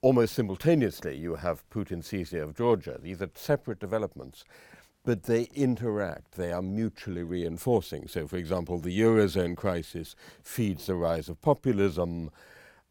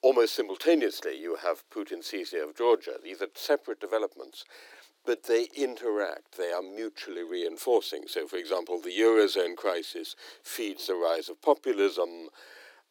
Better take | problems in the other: first | thin; very; fading below 300 Hz

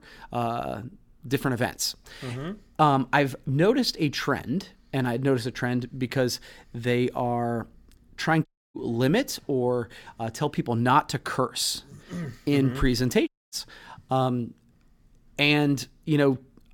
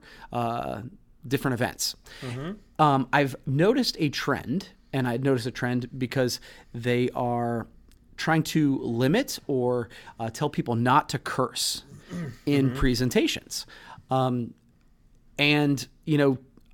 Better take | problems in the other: second | audio cutting out; at 8.5 s and at 13 s

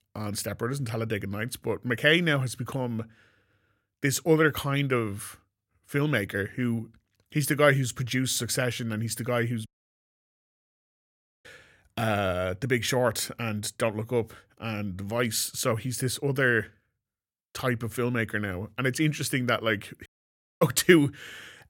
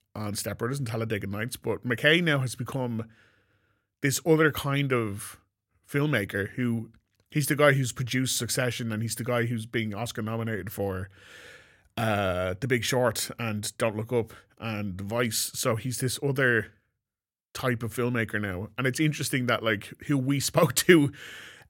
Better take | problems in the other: second | audio cutting out; at 9.5 s for 2 s and at 20 s for 0.5 s

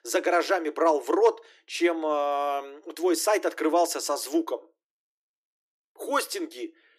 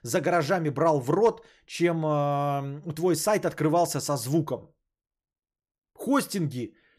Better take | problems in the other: second | thin; very; fading below 300 Hz

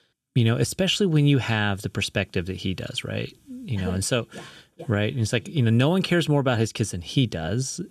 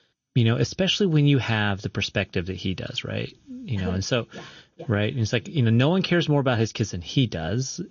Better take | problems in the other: first | garbled, watery; slightly; nothing above 6.5 kHz

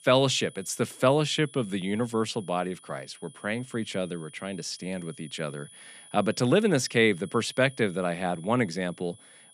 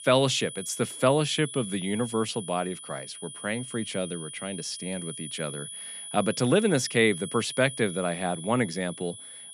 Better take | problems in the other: first | high-pitched whine; loud; throughout; 10 kHz, 10 dB below the speech; faint in the first

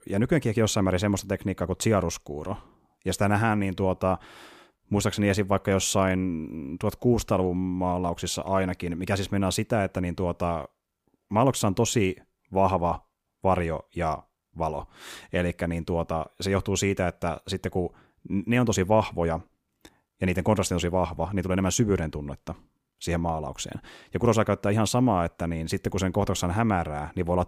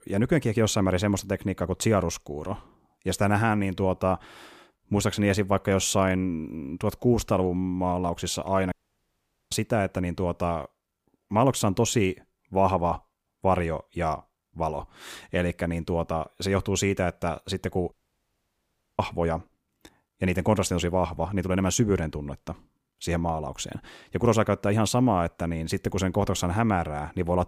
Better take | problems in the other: first | audio cutting out; at 8.5 s for 1 s and at 18 s for 1 s

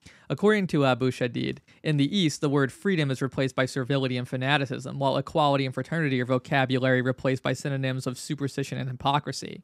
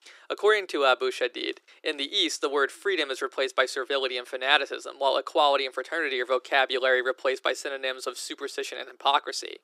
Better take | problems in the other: first | thin; very; fading below 350 Hz

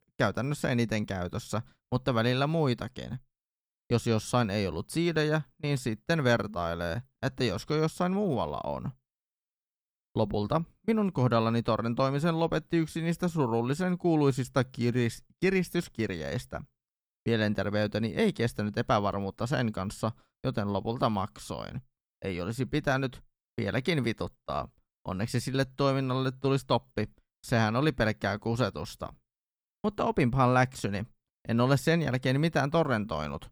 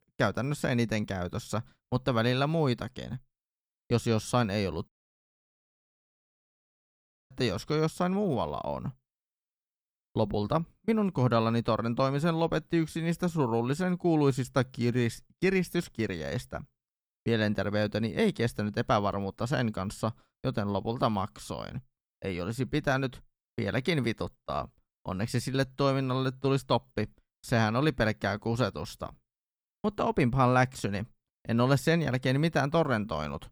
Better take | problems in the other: first | audio cutting out; at 5 s for 2.5 s

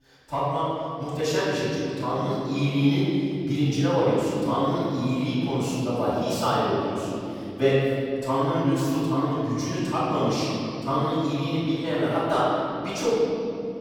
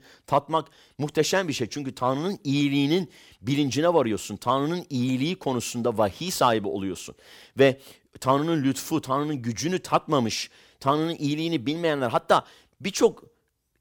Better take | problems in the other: second | off-mic speech; far // room echo; strong; dies away in 2.9 s

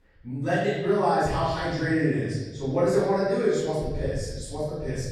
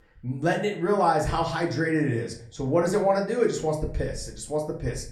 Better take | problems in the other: second | room echo; strong; dies away in 1.2 s; slight in the second // off-mic speech; far; somewhat distant in the second

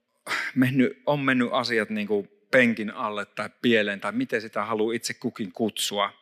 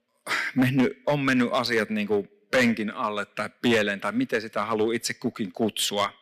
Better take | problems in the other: first | distortion; slight; 5% of the sound clipped

